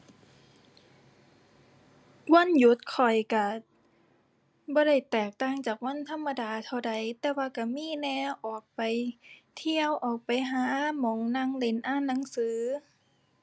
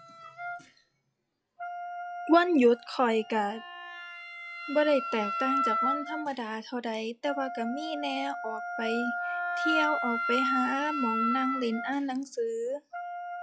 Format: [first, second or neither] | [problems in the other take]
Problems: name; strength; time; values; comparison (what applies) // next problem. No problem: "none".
first | noise reduction (classical method log-MMSE)